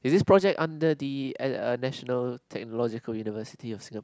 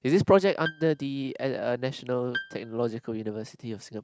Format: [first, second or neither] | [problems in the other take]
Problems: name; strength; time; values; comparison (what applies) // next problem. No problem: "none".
first | noise reduction (neural mask model RNNoise)